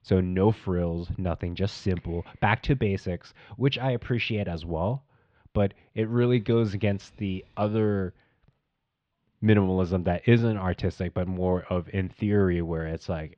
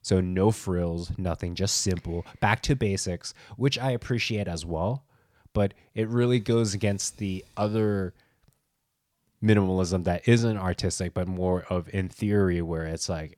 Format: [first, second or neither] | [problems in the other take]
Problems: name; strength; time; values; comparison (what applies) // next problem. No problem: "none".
second | muffled; very; fading above 3.5 kHz